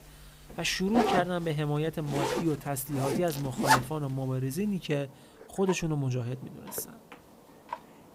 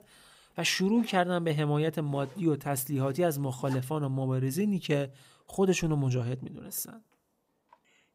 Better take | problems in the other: second | household noises; loud; throughout; as loud as the speech; faint in the second

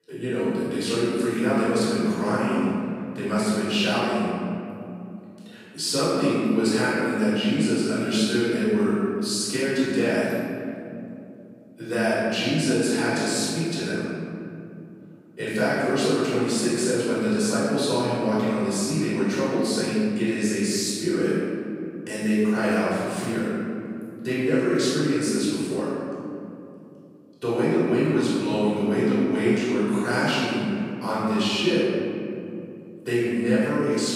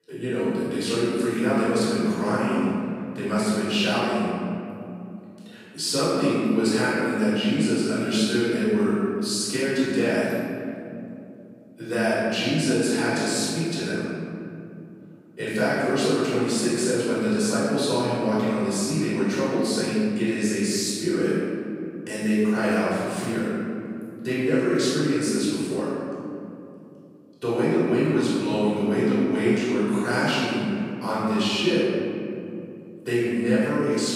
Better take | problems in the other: neither | off-mic speech; far; the same in both // room echo; strong; dies away in 2.7 s; the same in both

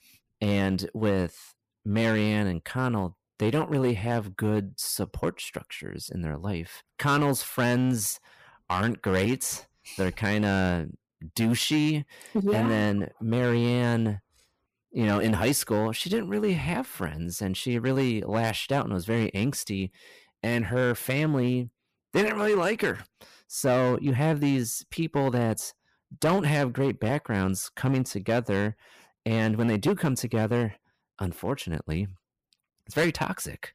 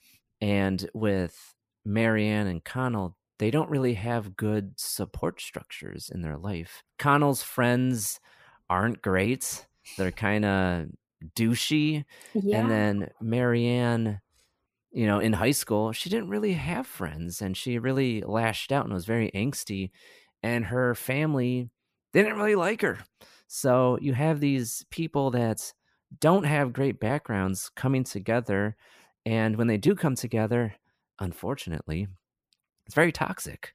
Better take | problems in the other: second | distortion; slight; 6% of the sound clipped

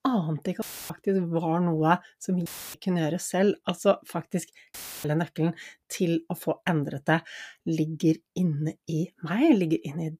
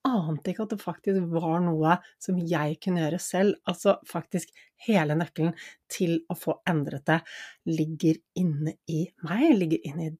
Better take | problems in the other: second | audio cutting out; filled with static; at 0.5 s, at 2.5 s and at 4.5 s

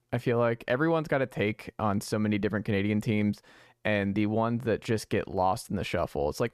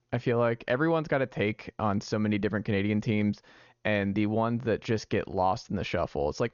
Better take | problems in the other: first | garbled, watery; slightly; nothing above 6.5 kHz

